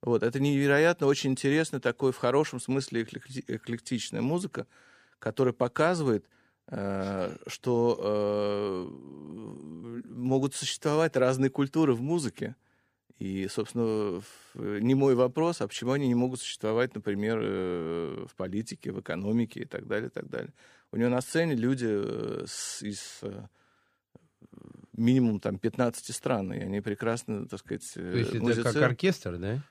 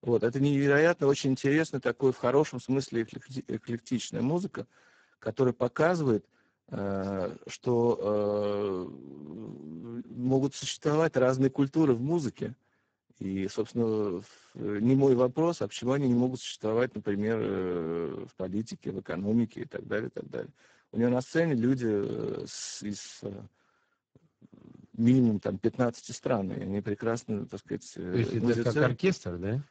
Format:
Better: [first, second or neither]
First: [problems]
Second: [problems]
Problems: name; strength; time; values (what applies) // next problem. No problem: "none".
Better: first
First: none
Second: garbled, watery; badly; nothing above 7.5 kHz